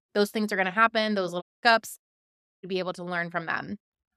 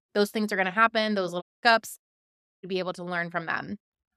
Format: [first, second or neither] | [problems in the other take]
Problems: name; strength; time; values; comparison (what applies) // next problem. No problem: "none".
neither | audio cutting out; at 1.5 s and at 2 s for 0.5 s; the same in both